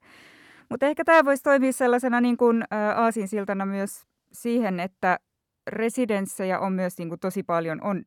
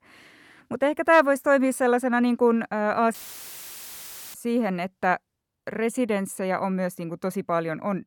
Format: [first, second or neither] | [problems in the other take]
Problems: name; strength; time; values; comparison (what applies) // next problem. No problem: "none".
first | audio cutting out; filled with static; at 3 s for 1 s